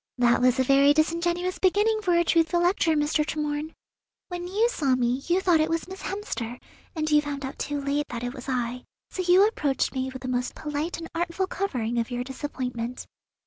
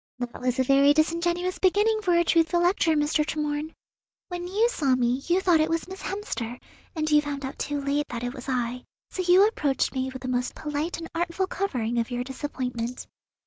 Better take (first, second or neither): first